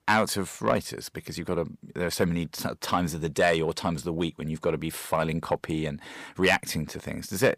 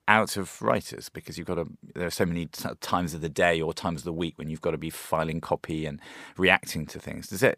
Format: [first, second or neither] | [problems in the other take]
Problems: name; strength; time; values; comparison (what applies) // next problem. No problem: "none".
second | distortion; slight; 10 dB below the speech